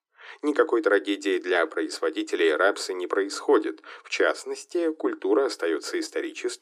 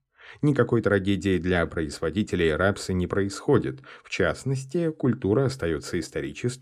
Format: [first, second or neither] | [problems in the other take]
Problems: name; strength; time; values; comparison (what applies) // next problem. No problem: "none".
second | thin; very; fading below 300 Hz